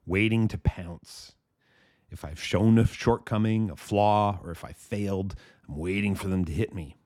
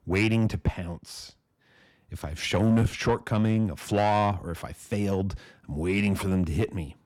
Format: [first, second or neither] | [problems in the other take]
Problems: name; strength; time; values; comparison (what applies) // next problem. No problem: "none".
first | distortion; slight; 10 dB below the speech